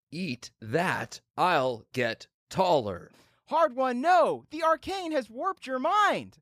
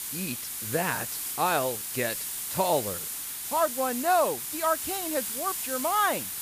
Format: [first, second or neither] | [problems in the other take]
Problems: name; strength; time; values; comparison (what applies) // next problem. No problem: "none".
first | hiss; loud; throughout; 3 dB below the speech